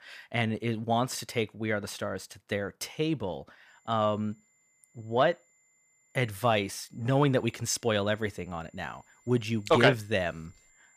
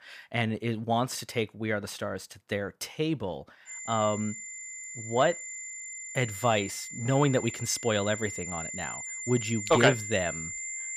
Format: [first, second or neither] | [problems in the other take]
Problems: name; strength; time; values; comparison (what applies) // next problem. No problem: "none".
first | high-pitched whine; loud; from 3.5 s on; 7 kHz, 7 dB below the speech; faint in the first